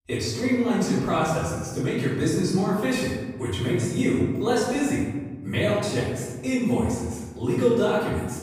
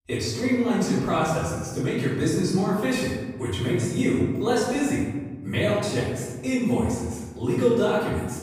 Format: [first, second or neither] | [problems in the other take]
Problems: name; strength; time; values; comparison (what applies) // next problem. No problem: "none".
neither | room echo; strong; dies away in 1.2 s; the same in both // off-mic speech; far; the same in both